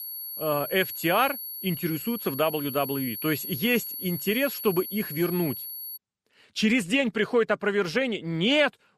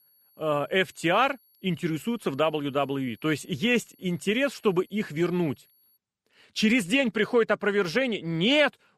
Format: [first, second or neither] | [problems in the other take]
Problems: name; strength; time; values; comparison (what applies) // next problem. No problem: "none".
second | high-pitched whine; loud; until 6 s; 11.5 kHz, 7 dB below the speech; faint in the second